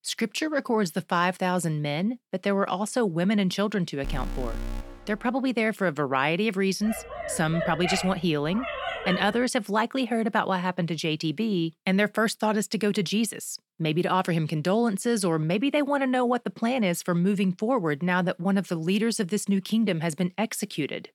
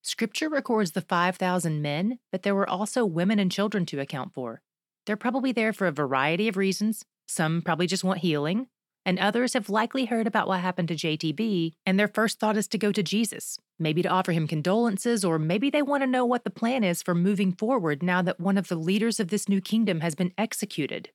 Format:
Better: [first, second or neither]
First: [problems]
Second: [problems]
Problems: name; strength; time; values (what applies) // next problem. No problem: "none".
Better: second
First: alarm; noticeable; from 4 to 5 s; peak 10 dB below the speech // dog barking; noticeable; from 7 to 9.5 s; peak 4 dB below the speech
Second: none